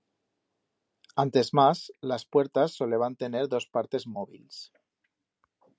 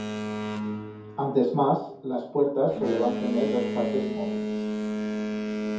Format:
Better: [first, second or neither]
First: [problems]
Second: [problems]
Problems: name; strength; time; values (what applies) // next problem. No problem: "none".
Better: first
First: none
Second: background sound (Boat, Water vehicle); 3 dB below the speech // room echo; dies away in 0.6 s